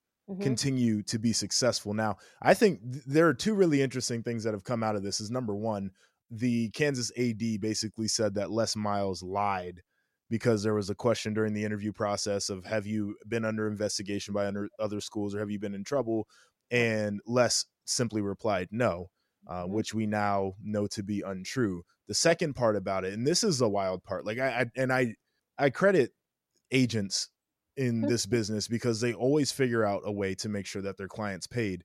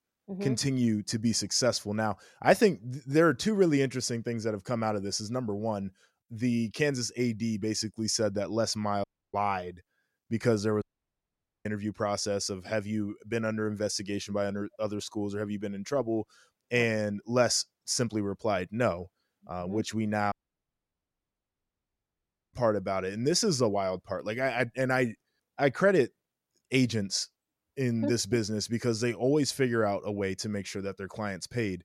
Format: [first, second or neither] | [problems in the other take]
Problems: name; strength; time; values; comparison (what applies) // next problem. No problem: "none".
first | audio cutting out; at 9 s, at 11 s for 1 s and at 20 s for 2 s